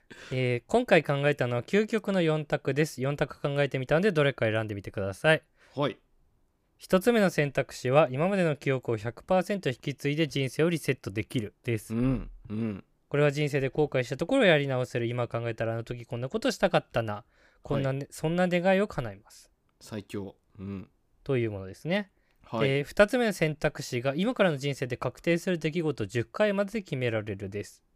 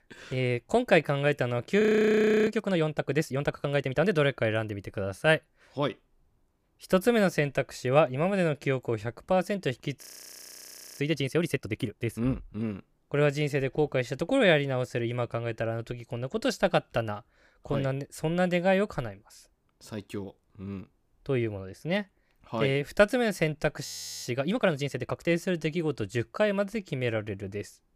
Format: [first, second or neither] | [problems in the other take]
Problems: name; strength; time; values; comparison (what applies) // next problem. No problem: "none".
first | audio freezing; at 2 s for 0.5 s, at 10 s for 1 s and at 24 s